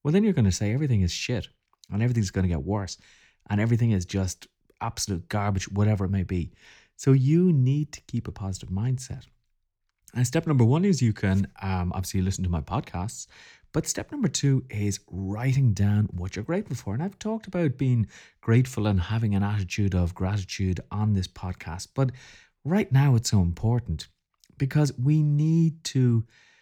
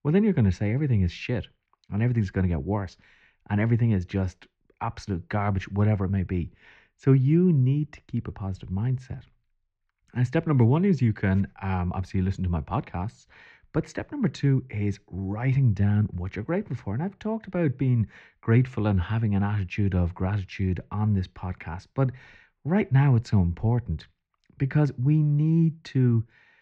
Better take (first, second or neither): first